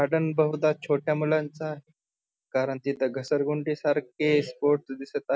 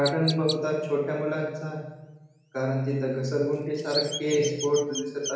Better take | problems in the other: first | background sound (Chirp, tweet); 11 dB below the speech // room echo; dies away in 1 s

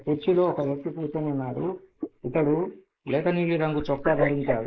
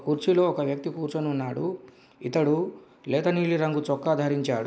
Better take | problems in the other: second | noise reduction (neural mask model Resemble Enhance denoiser)

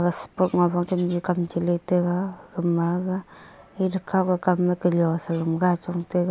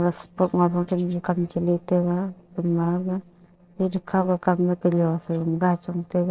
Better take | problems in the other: first | noise reduction (neural separator model SepFormer DNS4)

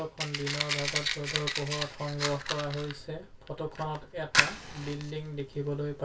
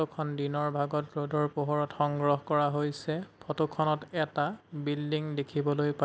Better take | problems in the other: second | background sound (Fire); 1 dB above the speech // room echo; dies away in 0.2 s

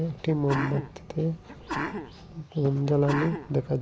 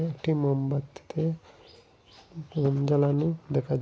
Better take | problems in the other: second | background sound (Sneeze); 8 dB below the speech

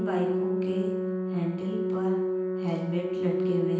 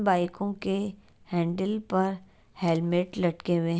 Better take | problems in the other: second | background sound (Organ); 3 dB above the speech // room echo; dies away in 0.9 s

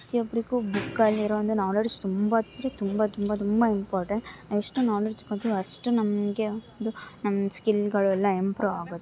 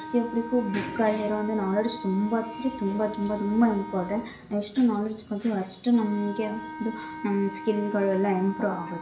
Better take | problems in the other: first | background sound (Wind instrument, woodwind instrument); 12 dB below the speech // room echo; dies away in 0.5 s

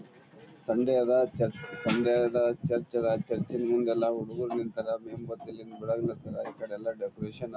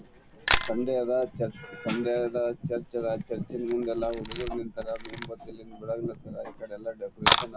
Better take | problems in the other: first | background sound (Camera); 2 dB below the speech

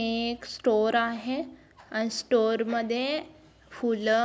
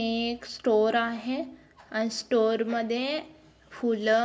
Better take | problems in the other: first | room echo; dies away in 0.2 s

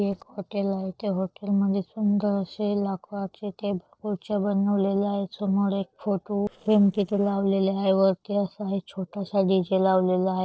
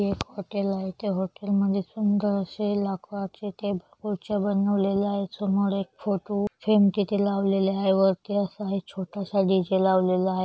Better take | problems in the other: second | noise reduction (neural separator model SepFormer DNS4)

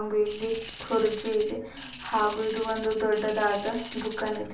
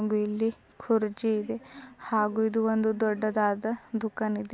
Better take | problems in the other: second | background sound (Tambourine); 16 dB below the speech // room echo; dies away in 0.3 s

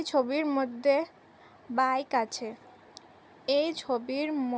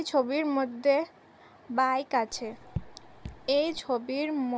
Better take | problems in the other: first | background sound (Raindrop / Drip); 12 dB below the speech

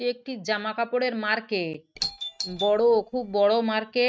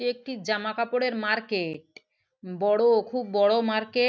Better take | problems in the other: second | noise reduction (neural mask model RNNoise)

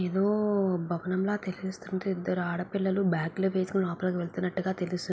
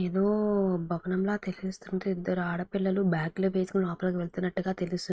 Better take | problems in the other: first | noise reduction (neural mask model RNNoise)

